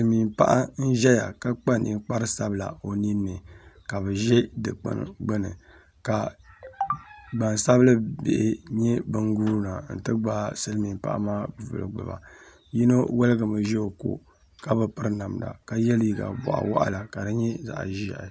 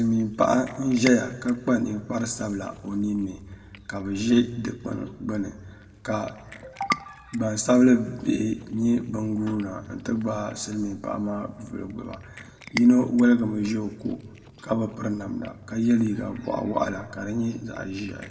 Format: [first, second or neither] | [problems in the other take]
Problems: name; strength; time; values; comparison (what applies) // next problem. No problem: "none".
first | background sound (Cat); 19 dB below the speech // room echo; dies away in 1 s